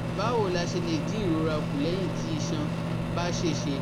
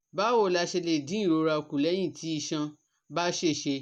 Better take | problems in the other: second | background sound (Microwave oven); 1 dB above the speech

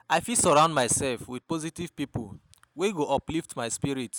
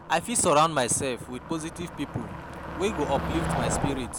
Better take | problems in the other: first | background sound (Motor vehicle (road)); 6 dB below the speech

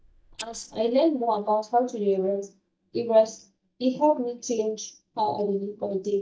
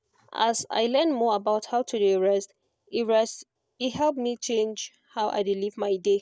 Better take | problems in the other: second | noise reduction (neural mask model DeepFilterNet 3)

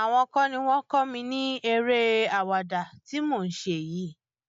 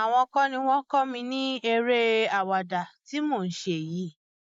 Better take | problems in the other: first | noise reduction (neural mask model Resemble Enhance denoiser)

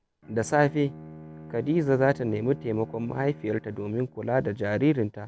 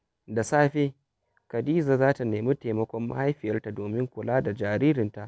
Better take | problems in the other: second | background sound (Bowed string instrument); 18 dB below the speech

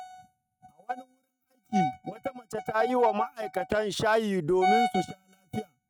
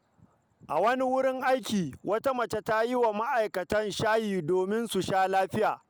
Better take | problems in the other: second | noise reduction (neural mask model RNNoise)

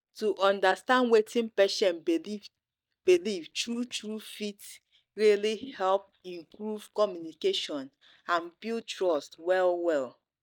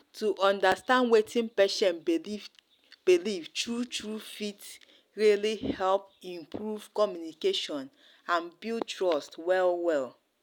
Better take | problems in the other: second | noise reduction (neural mask model DeepFilterNet 3)

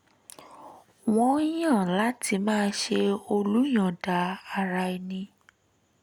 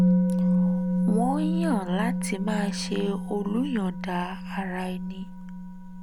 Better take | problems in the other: first | background sound (Musical instrument); 4 dB above the speech

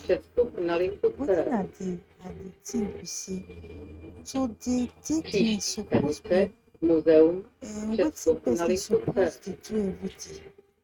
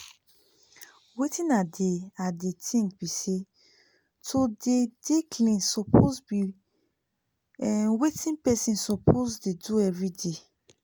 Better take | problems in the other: second | noise reduction (neural mask model RNNoise)

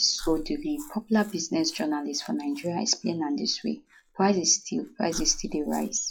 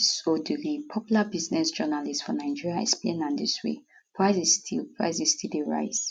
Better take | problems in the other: second | noise reduction (classical method log-MMSE)

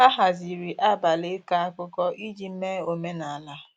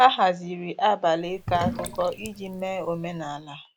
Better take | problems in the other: first | background sound (Sink (filling or washing)); 11 dB below the speech

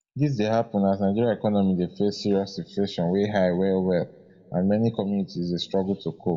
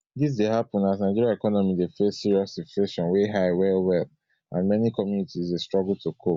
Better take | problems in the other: second | room echo; dies away in 0.9 s

